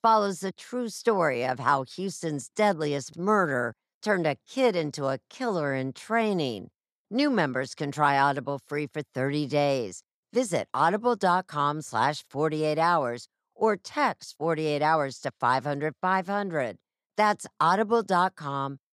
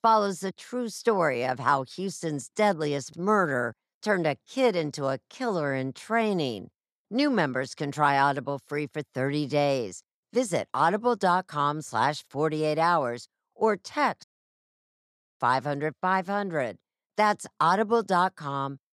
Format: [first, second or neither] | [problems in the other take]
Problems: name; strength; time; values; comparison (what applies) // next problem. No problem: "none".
first | audio cutting out; at 14 s for 1 s